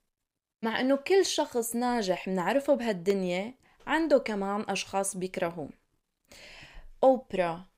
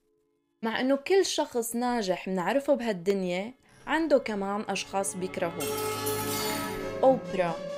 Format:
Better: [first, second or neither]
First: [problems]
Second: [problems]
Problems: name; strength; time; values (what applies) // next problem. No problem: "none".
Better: first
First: none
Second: background music; loud; throughout; 5 dB below the speech